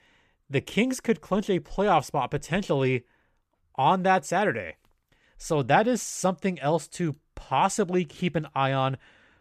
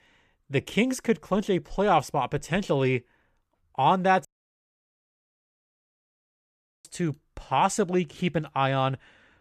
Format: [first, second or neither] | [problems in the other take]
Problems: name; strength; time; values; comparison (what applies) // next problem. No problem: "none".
first | audio cutting out; at 4.5 s for 2.5 s